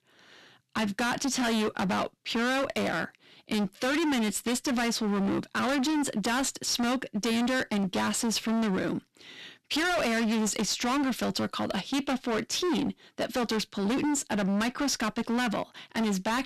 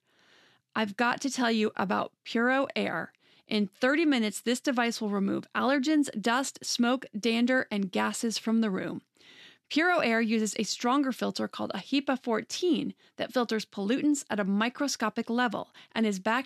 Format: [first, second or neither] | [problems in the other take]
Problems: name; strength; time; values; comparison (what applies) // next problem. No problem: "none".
second | distortion; heavy; 32% of the sound clipped